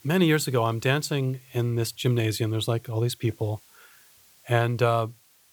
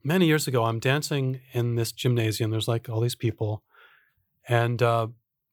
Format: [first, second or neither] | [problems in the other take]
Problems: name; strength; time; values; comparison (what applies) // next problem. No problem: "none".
second | hiss; faint; throughout; 30 dB below the speech